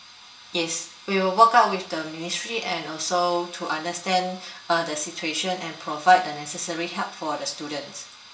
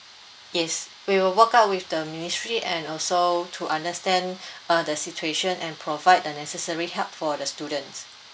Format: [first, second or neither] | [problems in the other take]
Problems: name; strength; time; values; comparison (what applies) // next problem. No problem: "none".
second | room echo; dies away in 0.4 s